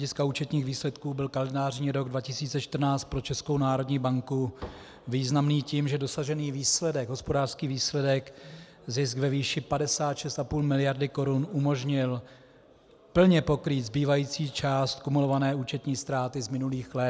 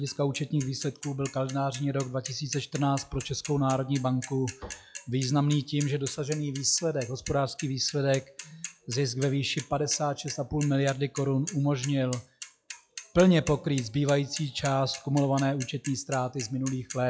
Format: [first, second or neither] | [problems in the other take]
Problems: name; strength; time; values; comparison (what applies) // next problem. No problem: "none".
first | noise reduction (classical method log-MMSE)